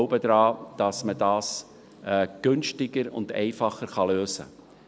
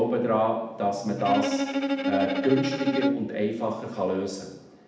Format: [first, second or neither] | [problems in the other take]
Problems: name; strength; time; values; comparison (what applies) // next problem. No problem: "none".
first | background sound (Bowed string instrument); 1 dB below the speech // room echo; dies away in 0.8 s